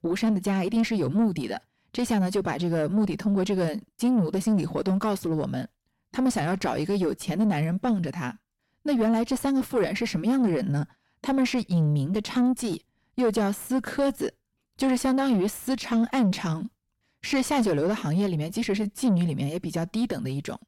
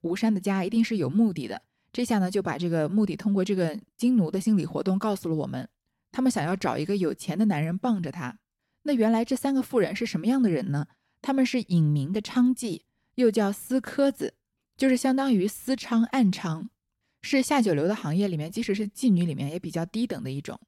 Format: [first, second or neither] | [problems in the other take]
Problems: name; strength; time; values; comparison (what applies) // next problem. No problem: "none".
second | distortion; slight; 10 dB below the speech